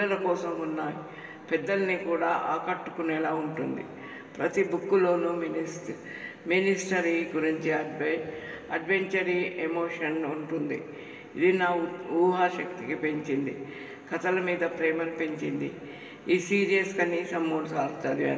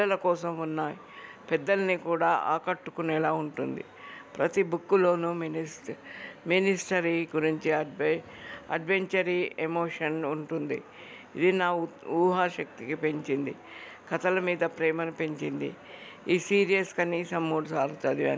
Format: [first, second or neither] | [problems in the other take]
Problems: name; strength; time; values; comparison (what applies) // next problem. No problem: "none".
second | room echo; dies away in 2.9 s